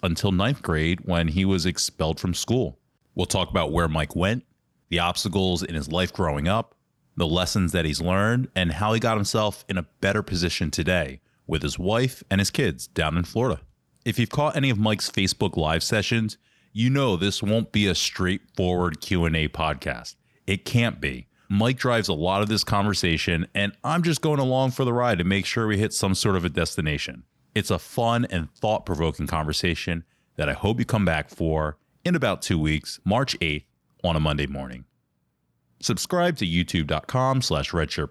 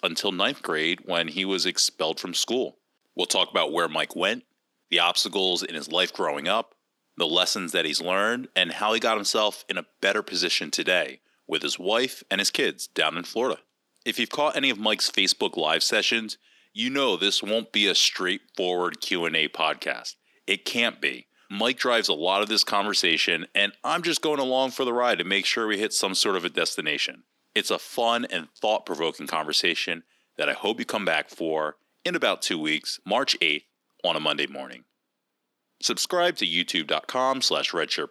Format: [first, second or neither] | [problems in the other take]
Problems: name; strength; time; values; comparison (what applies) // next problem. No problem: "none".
first | thin; somewhat; fading below 250 Hz